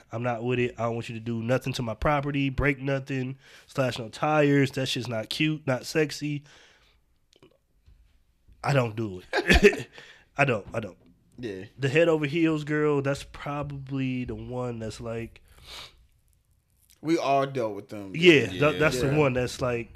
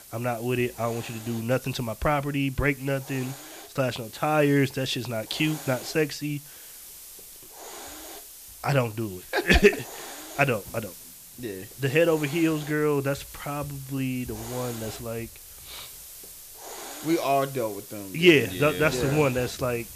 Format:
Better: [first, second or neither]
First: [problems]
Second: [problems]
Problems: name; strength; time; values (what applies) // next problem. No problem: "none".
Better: first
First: none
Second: hiss; noticeable; throughout; 15 dB below the speech